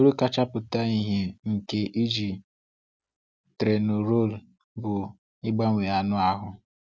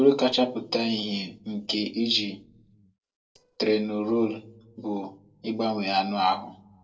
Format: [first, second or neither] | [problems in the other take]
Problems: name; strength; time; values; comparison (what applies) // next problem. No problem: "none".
first | noise reduction (neural separator model SepFormer DNS4)